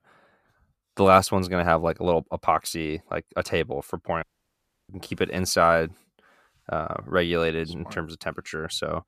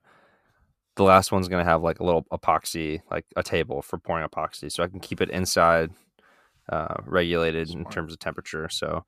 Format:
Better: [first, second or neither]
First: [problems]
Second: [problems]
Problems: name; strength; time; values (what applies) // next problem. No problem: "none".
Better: second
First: audio cutting out; at 4 s for 0.5 s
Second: none